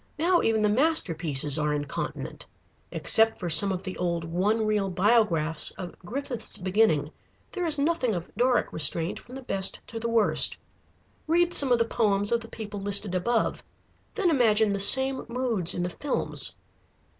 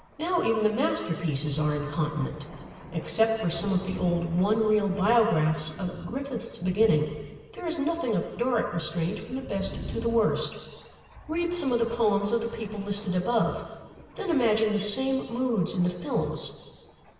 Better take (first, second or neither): first